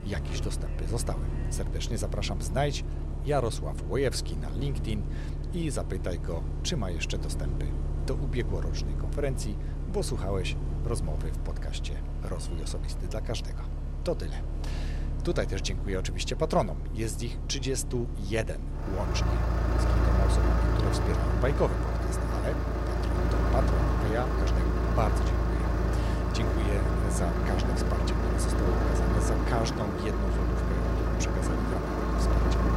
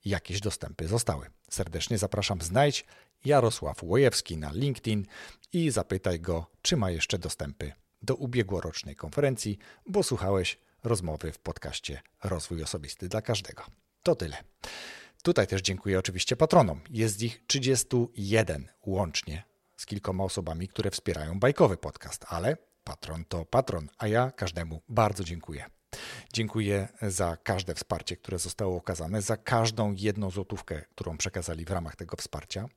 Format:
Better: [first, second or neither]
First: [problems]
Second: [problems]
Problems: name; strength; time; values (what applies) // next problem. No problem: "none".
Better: second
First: traffic noise; very loud; throughout; 4 dB above the speech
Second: none